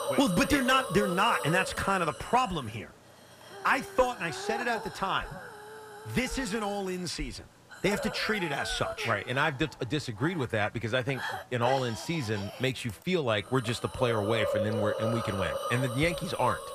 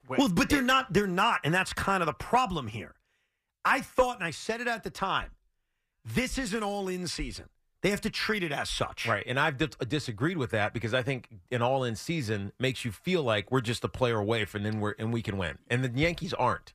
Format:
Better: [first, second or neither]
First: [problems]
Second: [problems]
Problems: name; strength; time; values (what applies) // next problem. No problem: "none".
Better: second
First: hiss; loud; throughout; 7 dB below the speech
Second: none